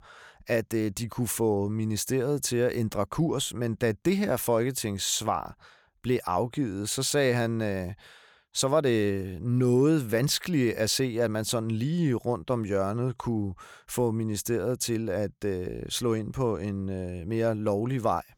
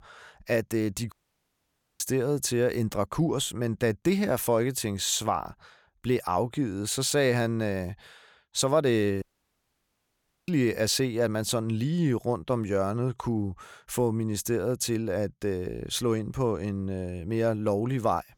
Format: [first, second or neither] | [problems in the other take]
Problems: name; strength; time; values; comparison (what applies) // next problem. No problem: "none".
first | audio cutting out; at 1 s for 1 s and at 9 s for 1.5 s